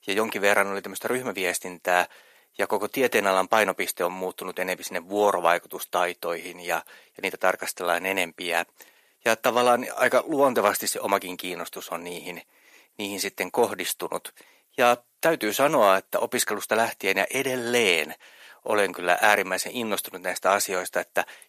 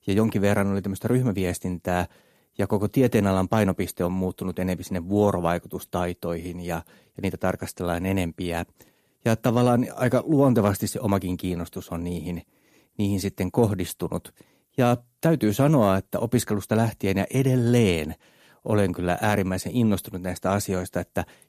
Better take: second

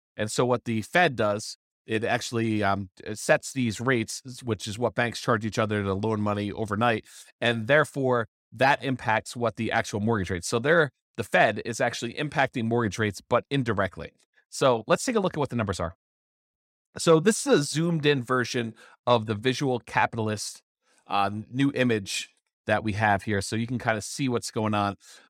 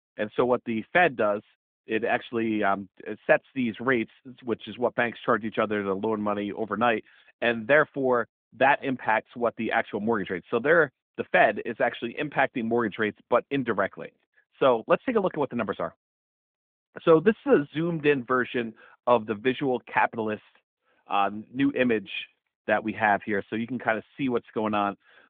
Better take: first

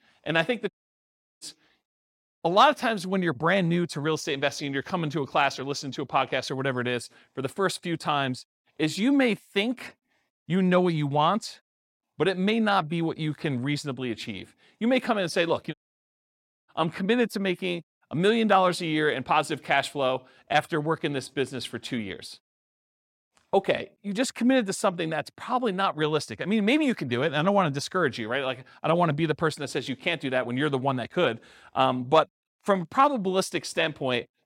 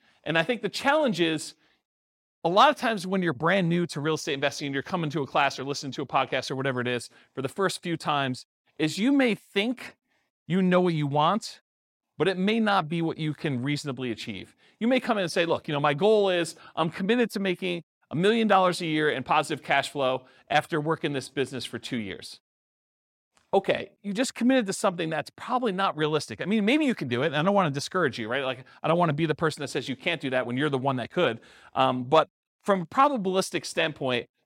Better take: second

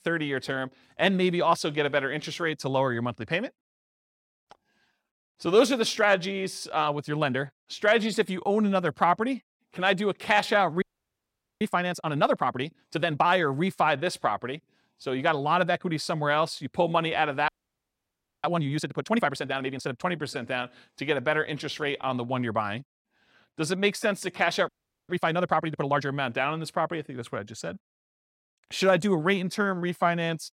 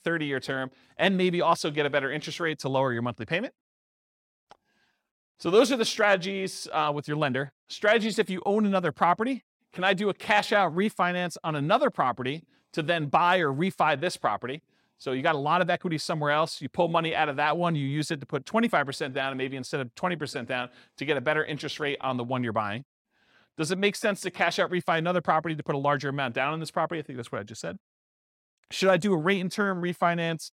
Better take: second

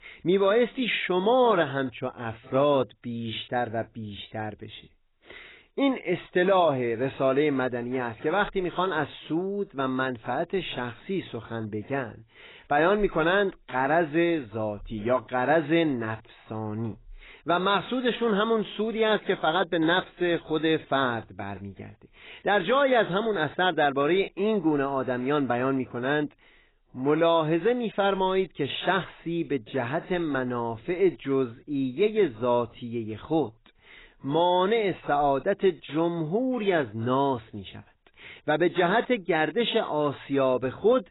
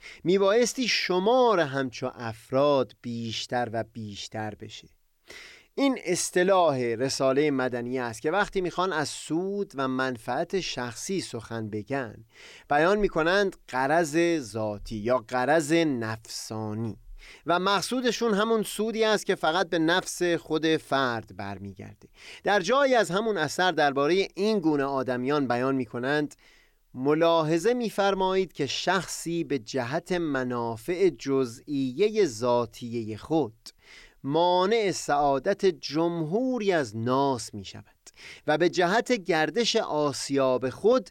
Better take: second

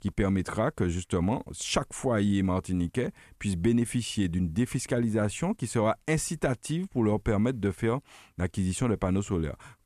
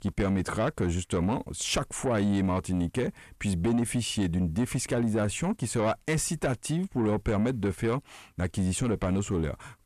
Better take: first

